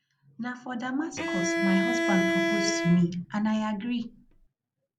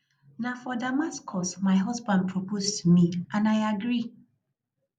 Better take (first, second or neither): second